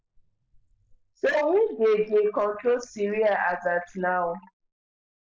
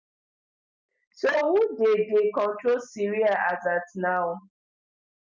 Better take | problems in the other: second | noise reduction (neural mask model Resemble Enhance denoiser)

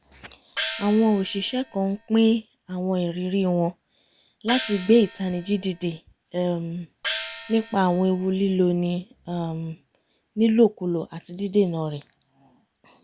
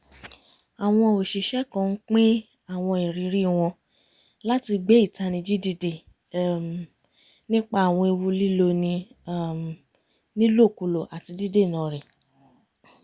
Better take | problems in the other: second | background sound (Gong); 11 dB below the speech

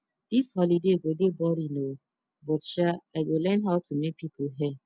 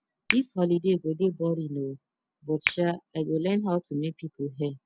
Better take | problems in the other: first | background sound (Finger snapping); 10 dB below the speech

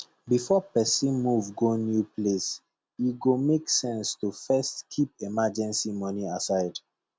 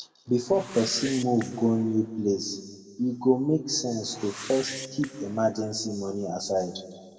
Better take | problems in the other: first | background sound (Whoosh, swoosh, swish); 17 dB below the speech // room echo; dies away in 1.4 s

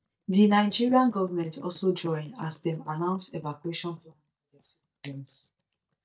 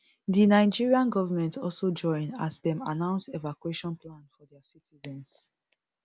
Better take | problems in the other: second | noise reduction (neural mask model DeepFilterNet 3)

